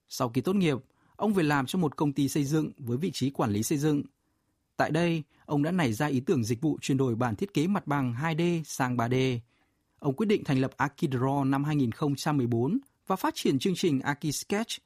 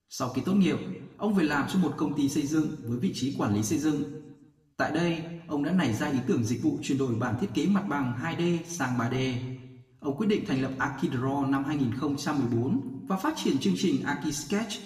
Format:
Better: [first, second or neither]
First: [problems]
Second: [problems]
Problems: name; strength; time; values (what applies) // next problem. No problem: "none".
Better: first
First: none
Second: room echo; slight; dies away in 1 s // off-mic speech; somewhat distant